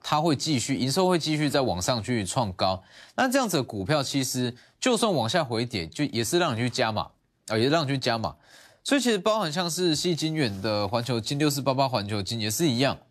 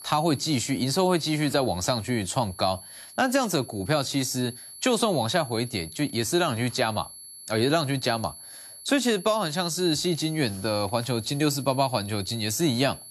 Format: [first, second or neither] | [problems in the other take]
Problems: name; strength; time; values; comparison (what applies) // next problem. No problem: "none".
first | high-pitched whine; noticeable; throughout; 11 kHz, 15 dB below the speech